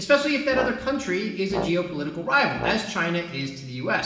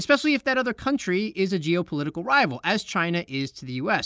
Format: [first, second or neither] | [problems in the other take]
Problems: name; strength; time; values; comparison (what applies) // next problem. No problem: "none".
second | background sound (Brass instrument); 10 dB below the speech // room echo; dies away in 1 s